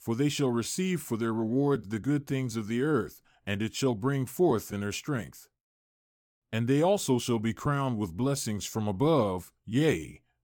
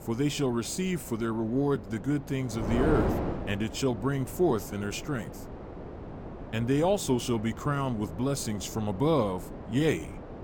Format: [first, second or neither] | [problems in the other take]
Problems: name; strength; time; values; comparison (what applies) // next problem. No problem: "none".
first | wind noise on the microphone; heavy; 9 dB below the speech